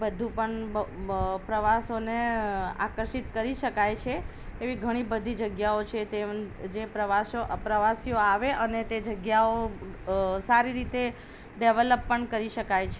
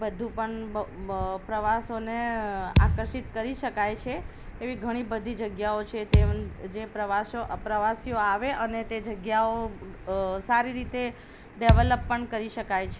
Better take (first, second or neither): first